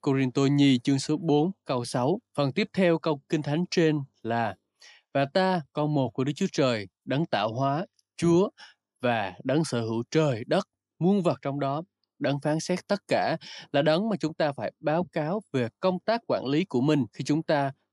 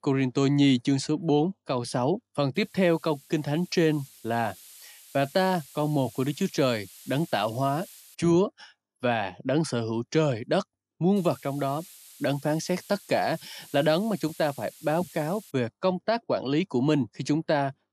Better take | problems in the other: first | hiss; faint; from 2.5 to 8 s and from 11 to 16 s; 20 dB below the speech

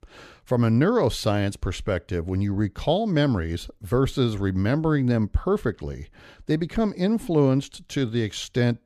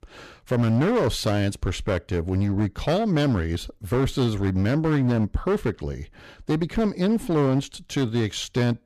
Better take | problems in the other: first | distortion; slight; 15% of the sound clipped

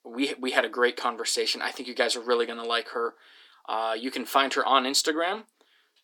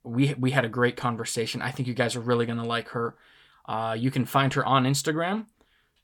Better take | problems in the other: second | thin; somewhat; fading below 300 Hz

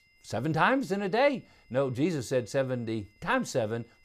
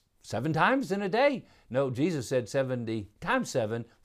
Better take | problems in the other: second | high-pitched whine; faint; throughout; 2 kHz, 35 dB below the speech

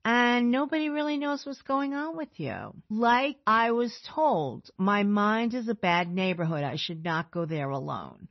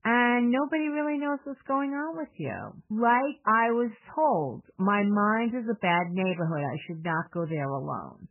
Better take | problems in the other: first | garbled, watery; badly; nothing above 3 kHz; slightly in the first

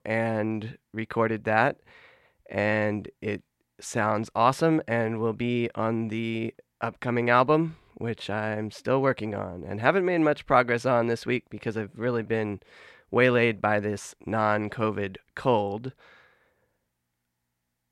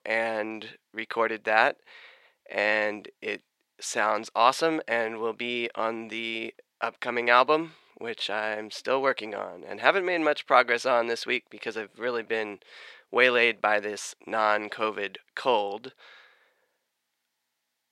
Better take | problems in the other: first | thin; somewhat; fading below 450 Hz

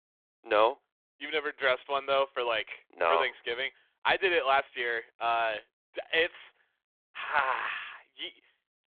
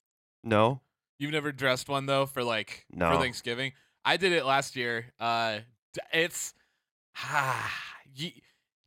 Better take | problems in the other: second | phone-call audio

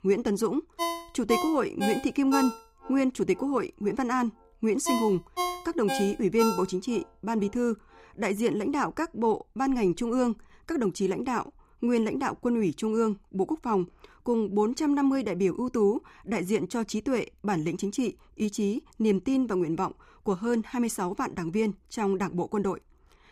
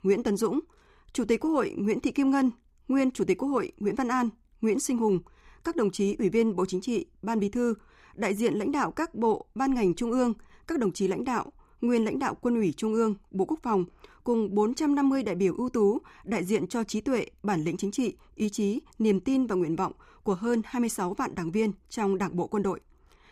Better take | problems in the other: second | phone ringing; noticeable; from 1 to 7 s; peak 3 dB below the speech

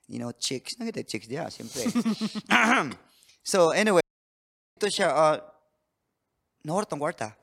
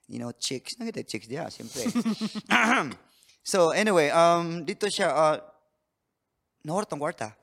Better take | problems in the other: second | audio cutting out; at 4 s for 1 s

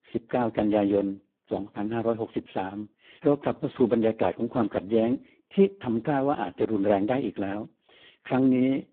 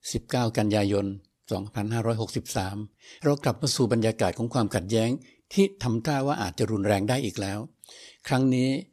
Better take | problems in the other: second | phone-call audio; poor line; nothing above 3.5 kHz

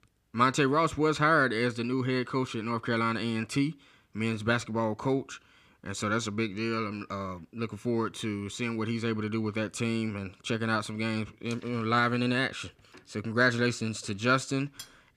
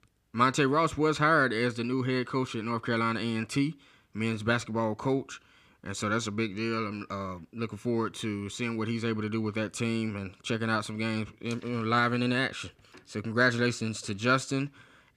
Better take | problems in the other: second | clattering dishes; faint; at 15 s; peak 15 dB below the speech

